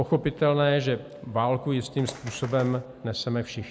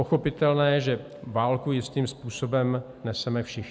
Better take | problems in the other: second | background sound (Bird); 16 dB below the speech

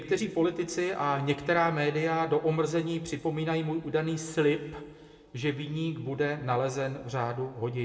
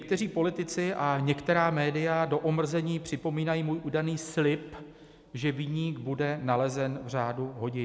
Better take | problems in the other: second | room echo; dies away in 0.9 s

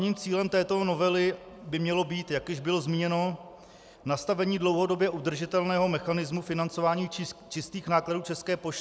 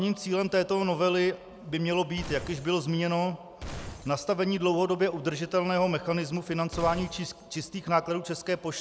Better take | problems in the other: first | background sound (Glass); 14 dB below the speech

